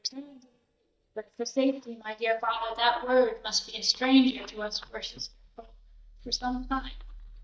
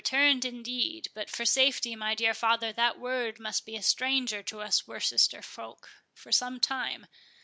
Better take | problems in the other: second | noise reduction (neural mask model DeepFilterNet 3)

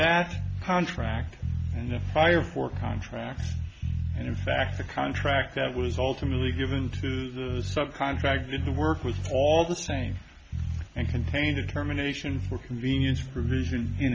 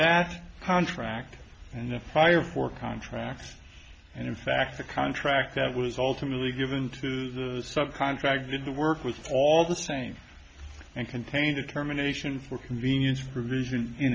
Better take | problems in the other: second | background sound (Bass guitar); 3 dB below the speech

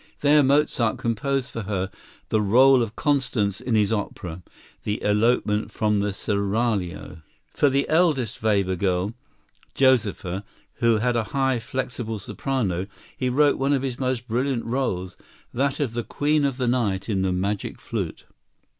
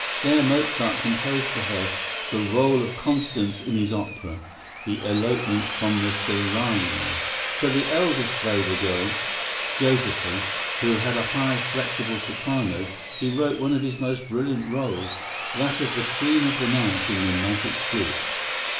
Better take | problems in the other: first | background sound (Sawing); 4 dB below the speech // room echo; dies away in 0.7 s

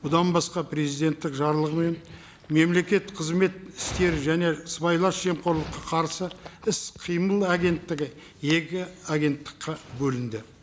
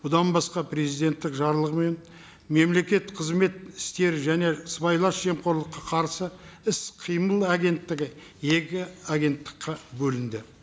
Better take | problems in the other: second | background sound (Dog); 18 dB below the speech

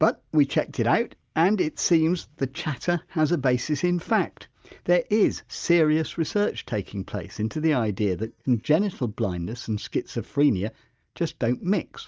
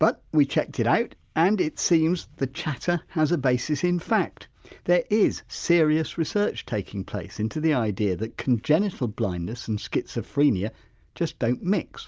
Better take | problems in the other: second | noise reduction (neural mask model DeepFilterNet 3)

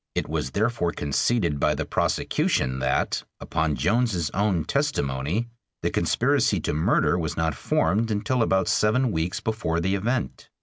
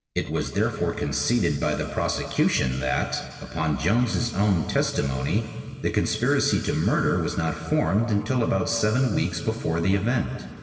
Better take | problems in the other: first | room echo; dies away in 2.4 s

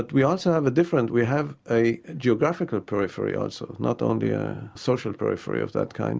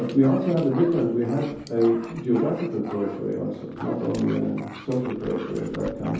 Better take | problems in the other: first | background sound (Dog); 17 dB below the speech // room echo; dies away in 0.9 s

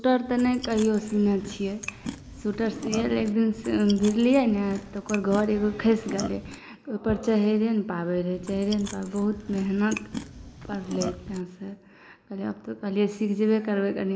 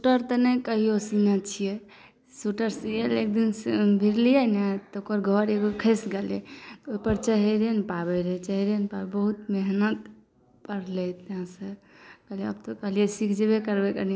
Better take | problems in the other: second | background sound (Chewing, mastication); 13 dB below the speech // room echo; dies away in 1.3 s

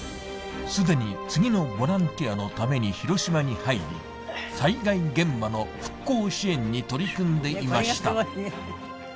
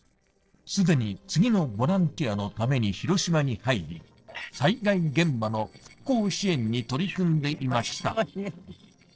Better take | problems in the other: first | noise reduction (neural separator model SepFormer DNS4)

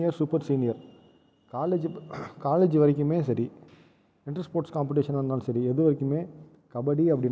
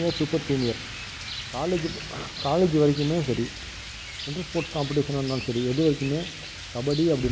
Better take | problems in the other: first | background sound (Rain); 10 dB below the speech

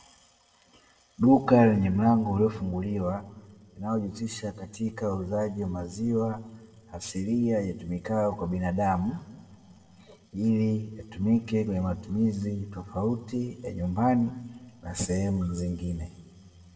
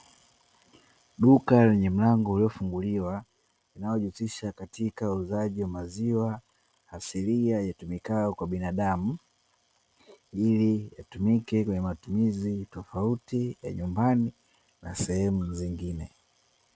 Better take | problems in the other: second | room echo; dies away in 1.5 s

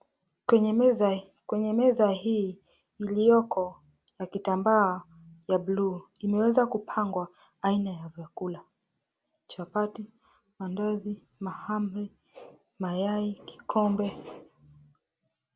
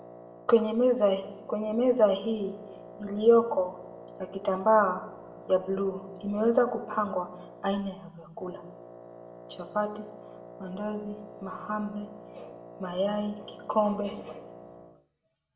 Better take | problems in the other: first | background sound (Wind instrument, woodwind instrument); 18 dB below the speech // room echo; dies away in 0.7 s

